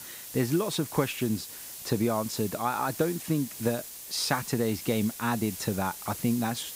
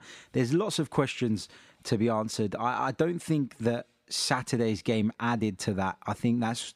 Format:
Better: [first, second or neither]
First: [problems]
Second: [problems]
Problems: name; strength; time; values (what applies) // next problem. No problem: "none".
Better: second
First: hiss; loud; throughout; 9 dB below the speech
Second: none